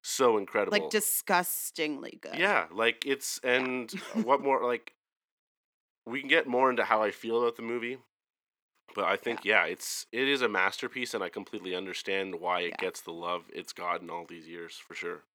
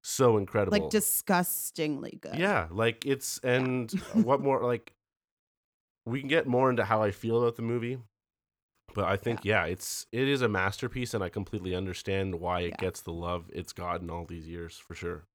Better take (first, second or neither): second